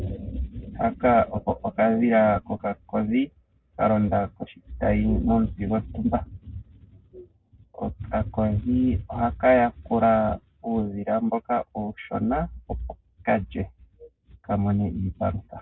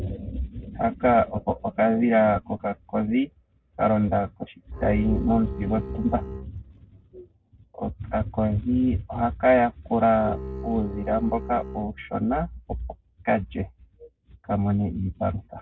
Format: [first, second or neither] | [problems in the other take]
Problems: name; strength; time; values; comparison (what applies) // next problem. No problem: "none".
first | background sound (Bowed string instrument); 10 dB below the speech